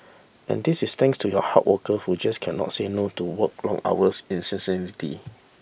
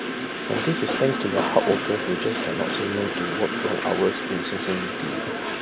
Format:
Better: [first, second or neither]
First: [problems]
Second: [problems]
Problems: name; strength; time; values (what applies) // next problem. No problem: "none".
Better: first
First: none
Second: background sound (Train); 1 dB below the speech